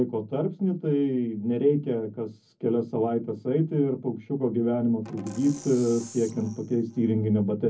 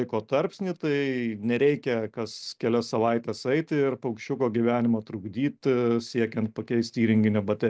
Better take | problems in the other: second | background sound (Percussion); 20 dB below the speech // room echo; dies away in 0.3 s

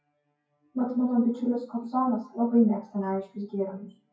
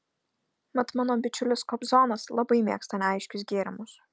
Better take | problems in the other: second | noise reduction (classical method WPE with log-MMSE)

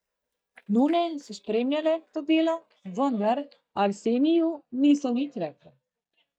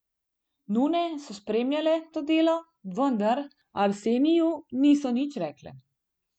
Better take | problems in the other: second | noise reduction (neural mask model DeepFilterNet 3)

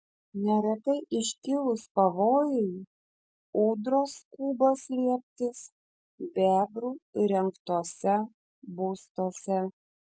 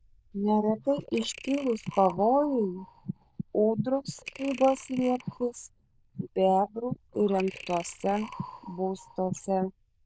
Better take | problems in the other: first | noise reduction (neural diffusion model UNIVERSE++)

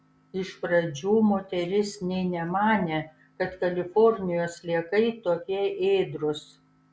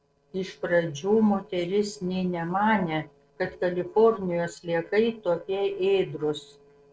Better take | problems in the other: first | noise reduction (neural separator model SepFormer DNS4)

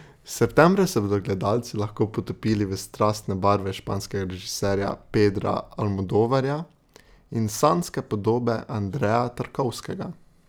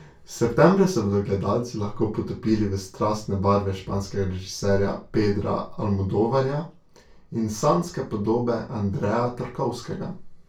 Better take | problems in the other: first | room echo; dies away in 0.2 s

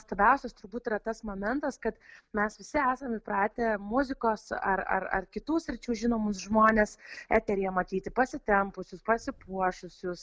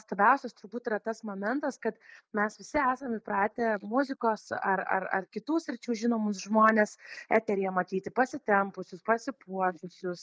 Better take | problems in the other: first | noise reduction (neural mask model Resemble Enhance denoiser)

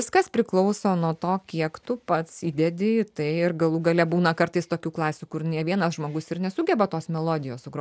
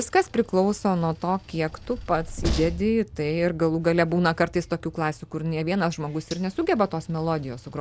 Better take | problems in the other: first | background sound (Train); 13 dB below the speech

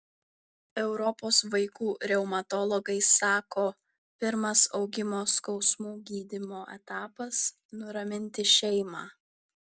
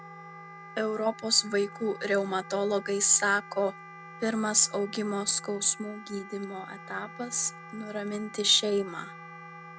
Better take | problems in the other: first | background sound (Wind instrument, woodwind instrument + Wind instrument, woodwind instrument); 16 dB below the speech

